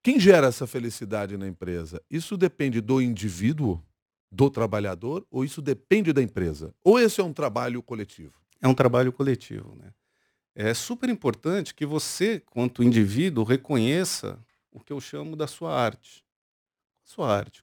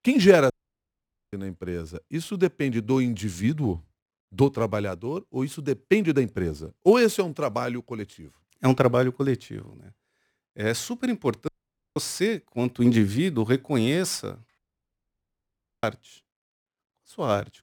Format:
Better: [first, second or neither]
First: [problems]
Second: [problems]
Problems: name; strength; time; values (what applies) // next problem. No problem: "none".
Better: first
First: none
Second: audio cutting out; at 0.5 s for 1 s, at 11 s and at 15 s for 1.5 s